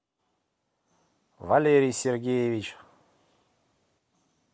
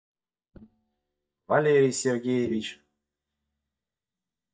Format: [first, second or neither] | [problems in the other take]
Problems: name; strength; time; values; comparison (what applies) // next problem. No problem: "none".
first | noise reduction (neural mask model DeepFilterNet 3)